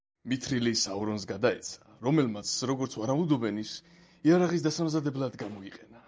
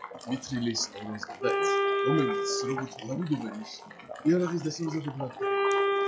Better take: first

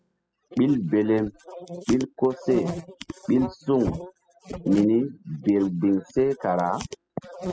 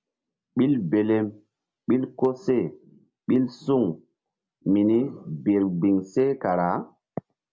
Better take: second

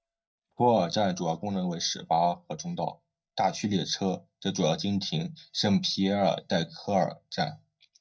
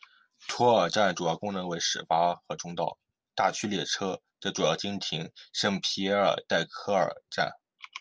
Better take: second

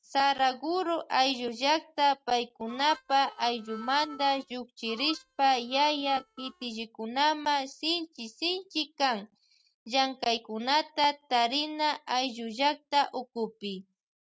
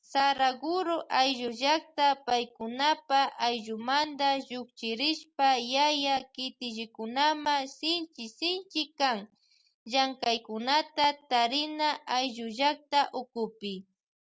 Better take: second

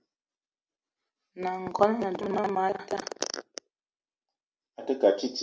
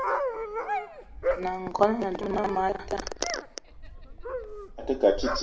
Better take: first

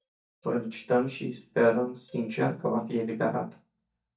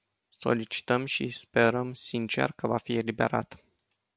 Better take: second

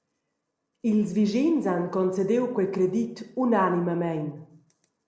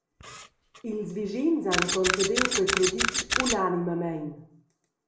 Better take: first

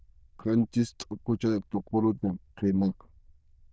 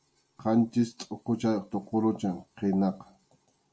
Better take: second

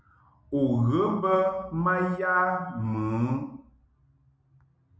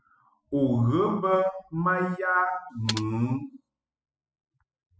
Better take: first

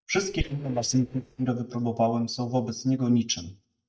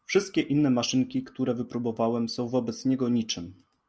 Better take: second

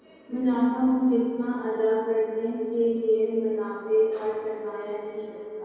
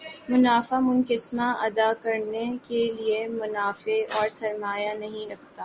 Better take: second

